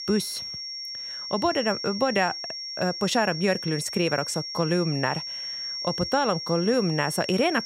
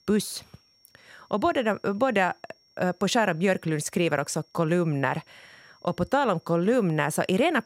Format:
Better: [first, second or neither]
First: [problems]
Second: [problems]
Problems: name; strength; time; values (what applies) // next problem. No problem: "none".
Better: second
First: high-pitched whine; loud; throughout; 5.5 kHz, 6 dB below the speech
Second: high-pitched whine; faint; throughout; 5.5 kHz, 35 dB below the speech